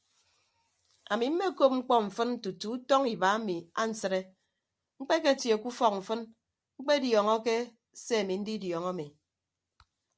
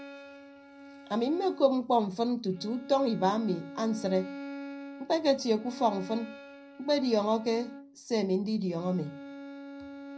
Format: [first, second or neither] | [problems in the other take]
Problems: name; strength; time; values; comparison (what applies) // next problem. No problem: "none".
first | background sound (Bowed string instrument); 15 dB below the speech // room echo; dies away in 0.4 s